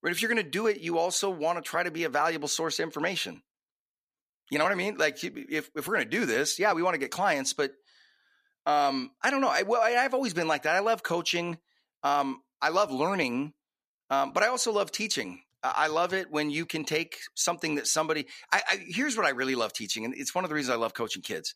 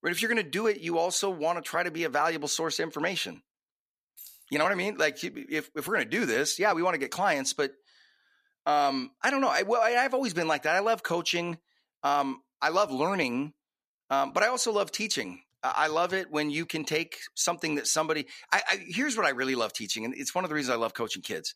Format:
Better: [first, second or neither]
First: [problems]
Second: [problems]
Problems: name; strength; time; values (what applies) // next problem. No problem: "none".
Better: first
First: none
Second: jangling keys; faint; at 4 s; peak 20 dB below the speech